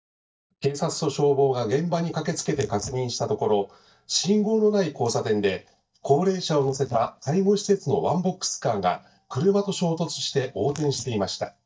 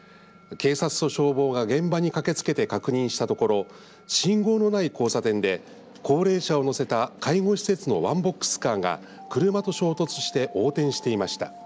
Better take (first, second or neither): second